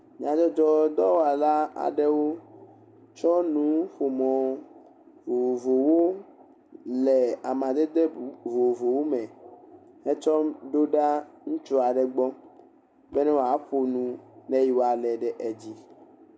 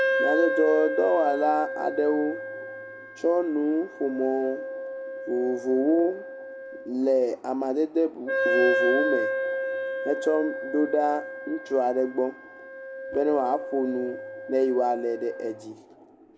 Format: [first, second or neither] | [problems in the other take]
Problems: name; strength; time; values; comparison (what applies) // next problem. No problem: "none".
first | background sound (Wind instrument, woodwind instrument); 5 dB below the speech